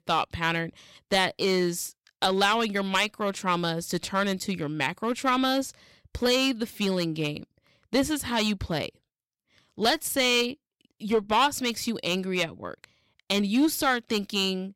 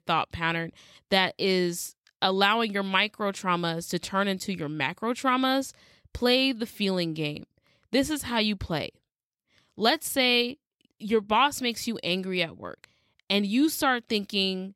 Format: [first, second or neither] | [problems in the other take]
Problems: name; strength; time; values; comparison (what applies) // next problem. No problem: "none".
second | distortion; slight; 3% of the sound clipped